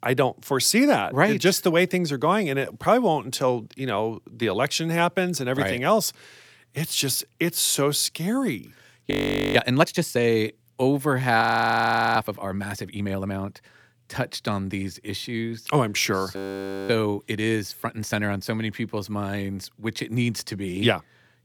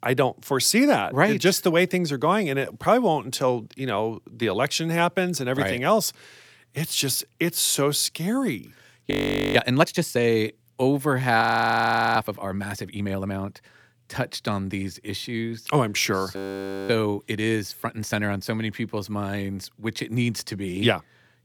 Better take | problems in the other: neither | audio freezing; at 9 s, at 11 s for 0.5 s and at 16 s for 0.5 s; the same in both

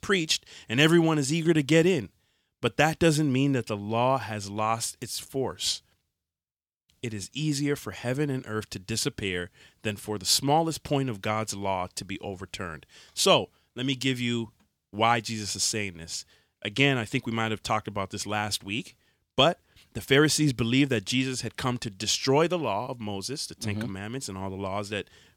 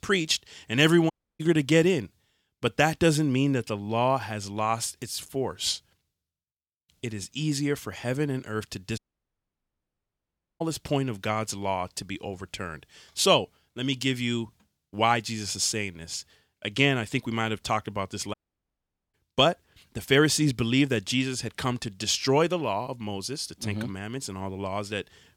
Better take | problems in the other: first | audio cutting out; at 1 s, at 9 s for 1.5 s and at 18 s for 1 s

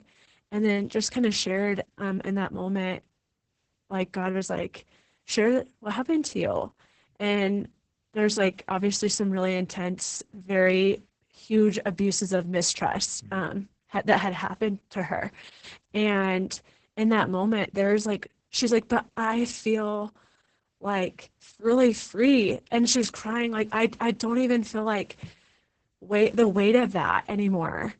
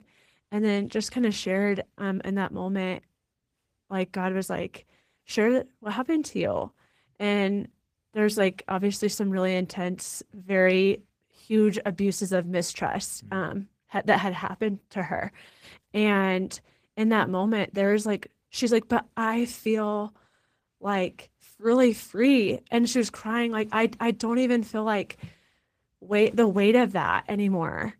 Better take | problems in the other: second | garbled, watery; badly; nothing above 8 kHz; slightly in the second

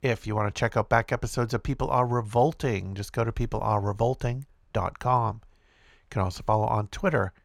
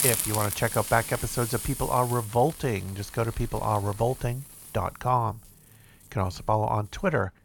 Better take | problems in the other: first | hiss; loud; throughout; 7 dB below the speech

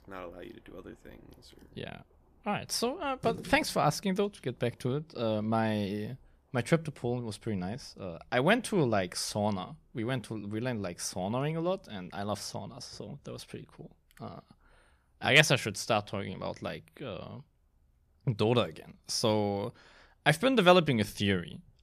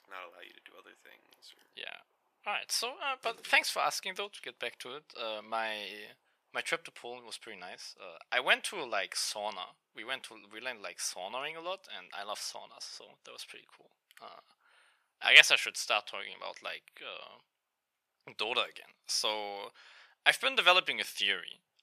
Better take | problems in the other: first | thin; very; fading below 800 Hz

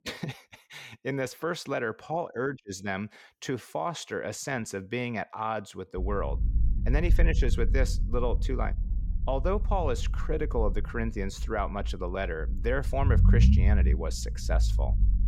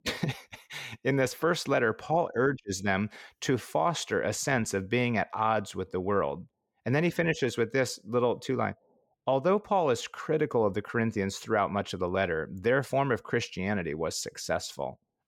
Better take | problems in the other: second | low rumble; noticeable; from 6 s on; 10 dB below the speech

